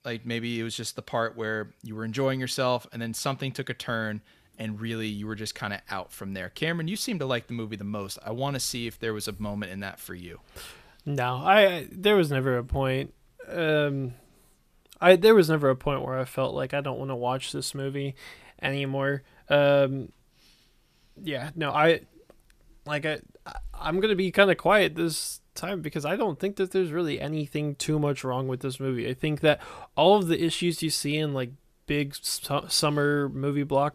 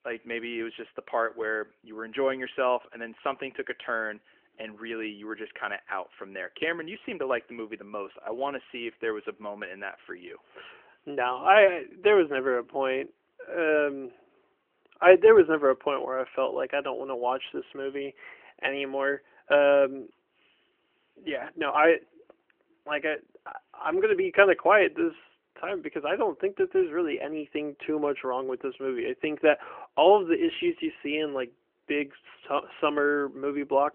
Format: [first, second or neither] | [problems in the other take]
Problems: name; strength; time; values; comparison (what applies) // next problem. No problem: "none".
first | phone-call audio; nothing above 3 kHz